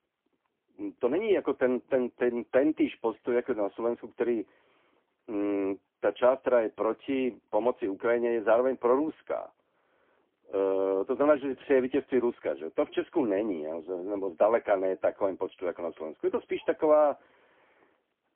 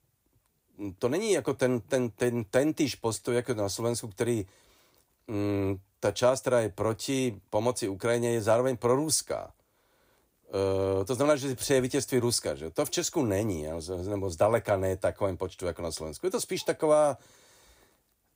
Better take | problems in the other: second | phone-call audio; poor line; nothing above 3.5 kHz

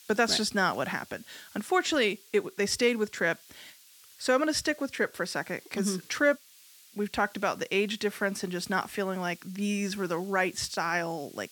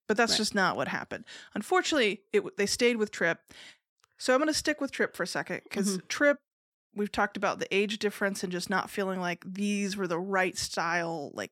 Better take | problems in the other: second | hiss; faint; throughout; 25 dB below the speech

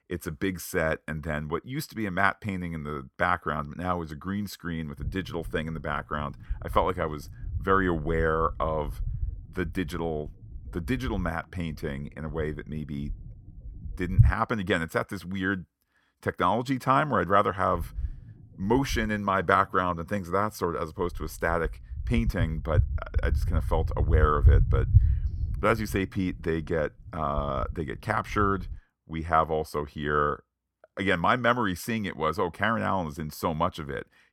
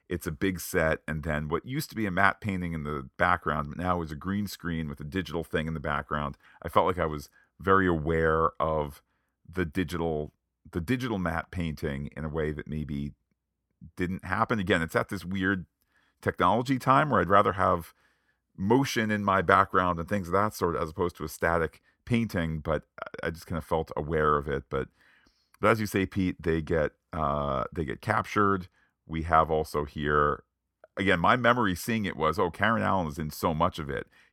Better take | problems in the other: second | low rumble; noticeable; from 5 to 14 s and from 18 to 29 s; 20 dB below the speech

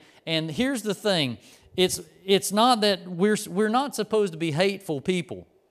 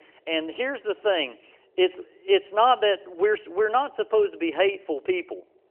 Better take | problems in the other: first | phone-call audio; nothing above 3 kHz

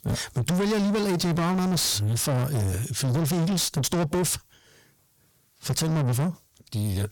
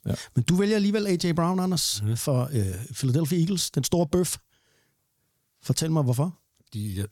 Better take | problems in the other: second | distortion; heavy; 7 dB below the speech

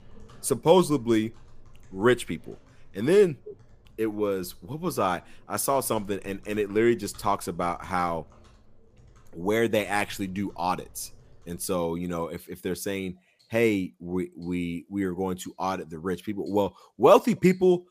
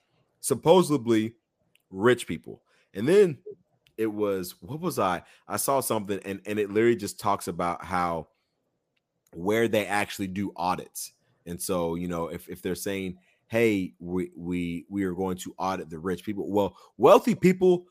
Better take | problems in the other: second | household noises; faint; throughout; 30 dB below the speech

